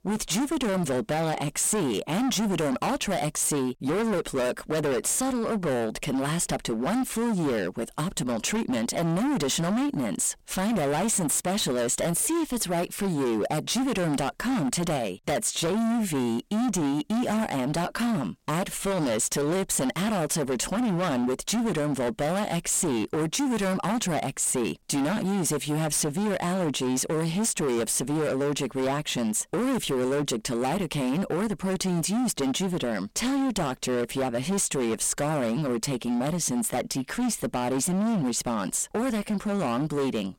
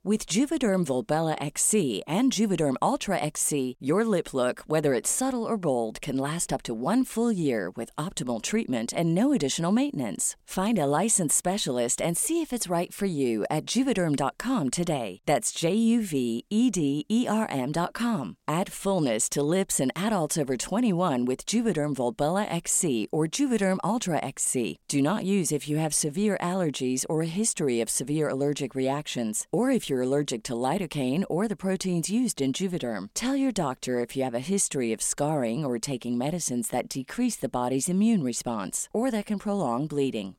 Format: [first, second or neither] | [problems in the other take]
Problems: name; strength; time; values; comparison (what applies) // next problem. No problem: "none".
second | distortion; heavy; 31% of the sound clipped